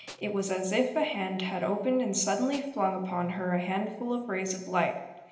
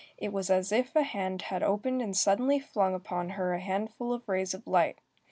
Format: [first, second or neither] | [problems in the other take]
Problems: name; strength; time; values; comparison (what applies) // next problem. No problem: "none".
second | background sound (Tools); 18 dB below the speech // room echo; dies away in 0.9 s